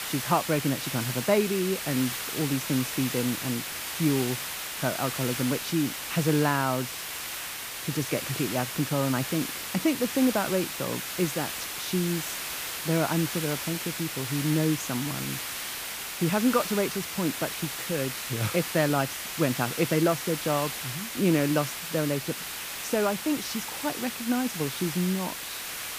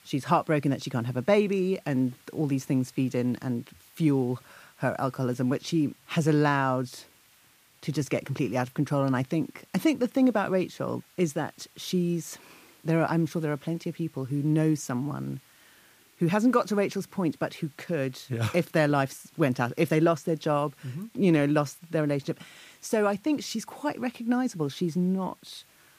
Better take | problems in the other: second | hiss; loud; throughout; 4 dB below the speech; faint in the second

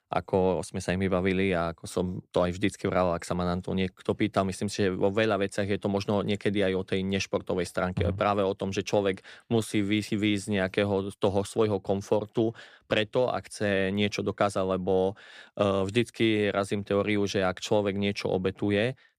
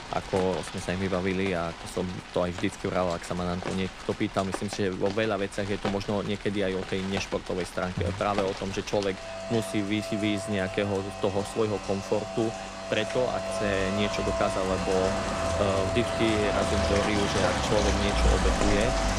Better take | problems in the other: first | rain or running water; loud; throughout; 3 dB below the speech

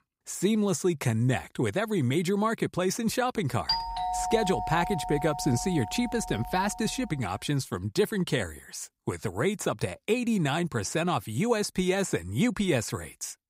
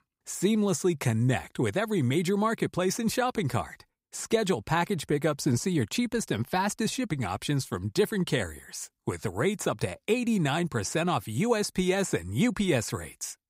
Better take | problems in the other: second | doorbell; loud; from 3.5 to 6.5 s; peak level with the speech

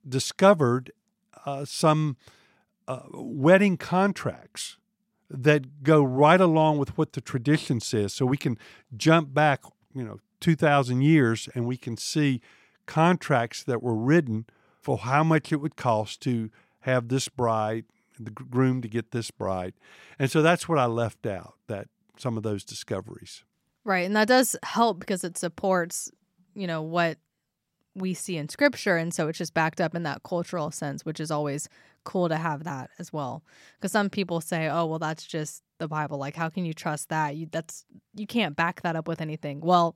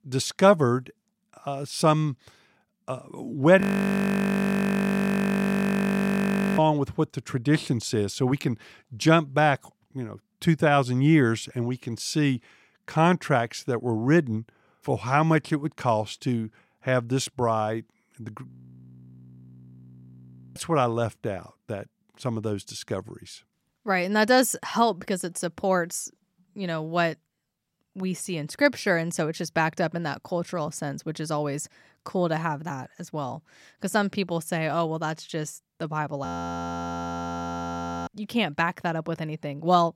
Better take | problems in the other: first | audio freezing; at 3.5 s for 3 s, at 18 s for 2 s and at 36 s for 2 s

